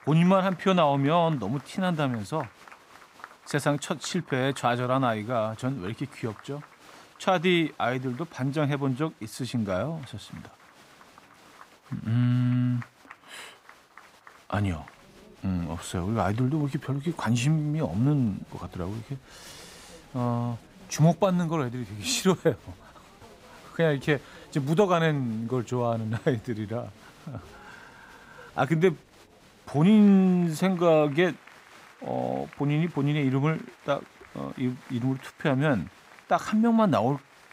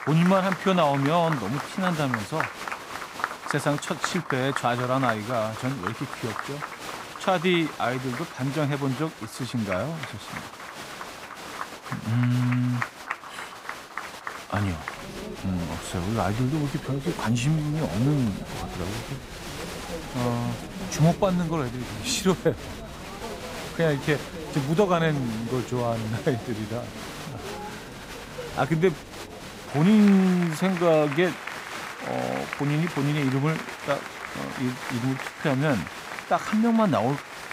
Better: first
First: crowd noise; faint; throughout; 25 dB below the speech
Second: crowd noise; loud; throughout; 9 dB below the speech

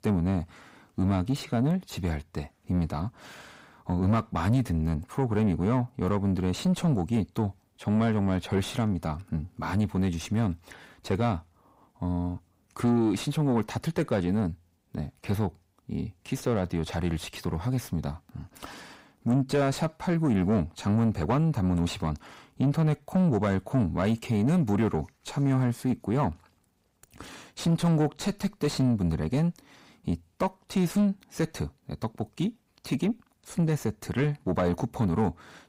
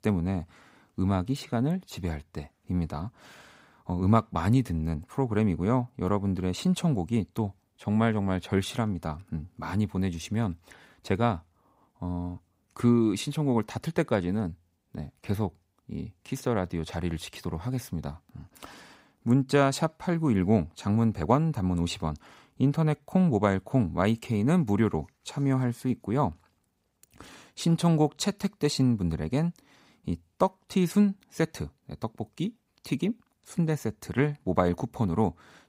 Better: second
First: distortion; slight; 10 dB below the speech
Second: none

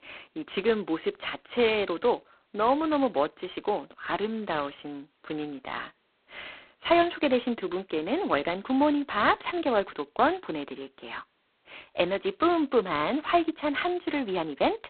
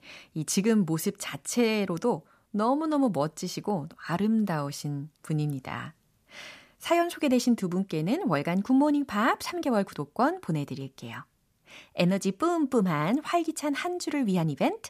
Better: second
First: phone-call audio; poor line; nothing above 4 kHz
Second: none

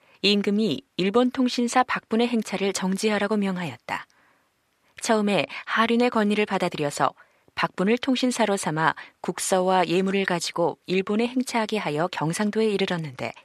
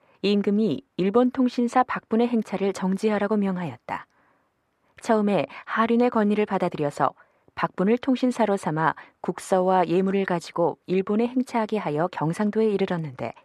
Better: first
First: none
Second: muffled; slightly; fading above 2 kHz

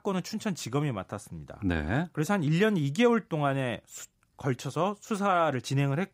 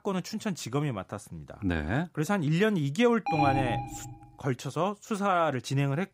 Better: first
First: none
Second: alarm; loud; at 3.5 s; peak 2 dB above the speech

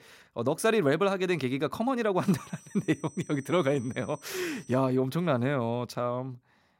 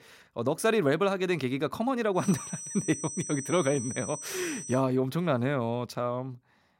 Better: first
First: high-pitched whine; faint; from 2 to 5 s; 6 kHz, 25 dB below the speech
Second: high-pitched whine; loud; from 2 to 5 s; 6 kHz, 9 dB below the speech

